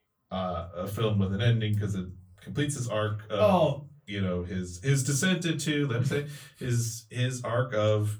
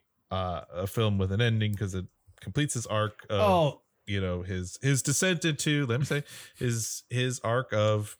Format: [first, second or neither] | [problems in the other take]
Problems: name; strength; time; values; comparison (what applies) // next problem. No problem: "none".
second | off-mic speech; far // room echo; very slight; dies away in 0.3 s